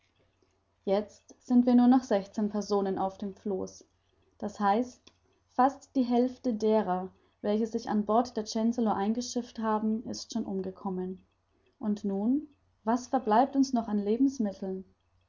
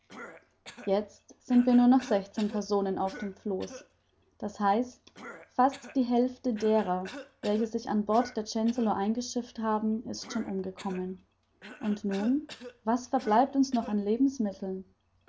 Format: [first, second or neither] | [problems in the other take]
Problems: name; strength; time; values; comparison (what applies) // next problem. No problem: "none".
first | background sound (Cough); 19 dB below the speech